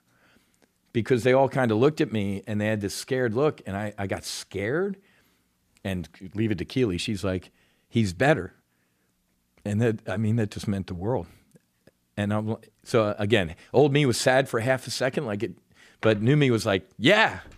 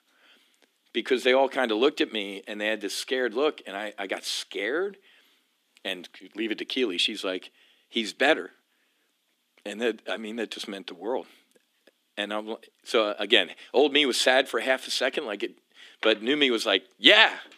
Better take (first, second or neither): first